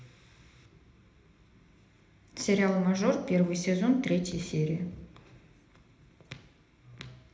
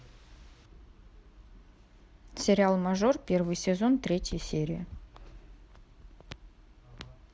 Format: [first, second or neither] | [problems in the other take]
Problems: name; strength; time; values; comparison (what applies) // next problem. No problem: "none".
second | room echo; dies away in 0.7 s